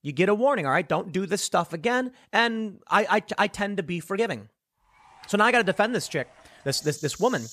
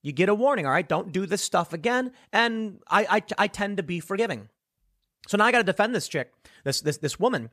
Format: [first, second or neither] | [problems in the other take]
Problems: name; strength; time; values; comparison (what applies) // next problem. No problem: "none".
second | animal sounds; faint; from 5 s on; 20 dB below the speech